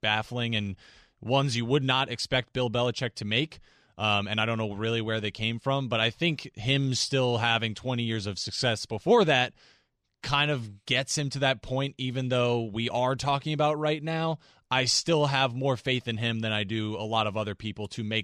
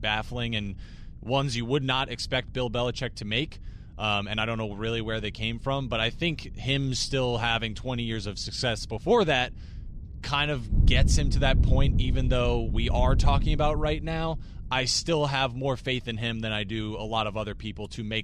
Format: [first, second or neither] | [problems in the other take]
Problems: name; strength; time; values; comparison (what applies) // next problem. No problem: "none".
first | wind noise on the microphone; occasional gusts; 15 dB below the speech